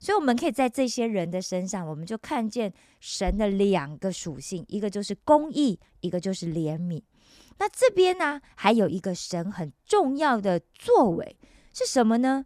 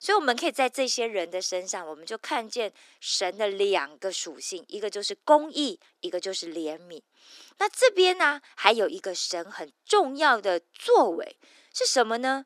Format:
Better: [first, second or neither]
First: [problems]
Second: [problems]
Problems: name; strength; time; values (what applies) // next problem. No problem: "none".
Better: first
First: none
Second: thin; somewhat; fading below 300 Hz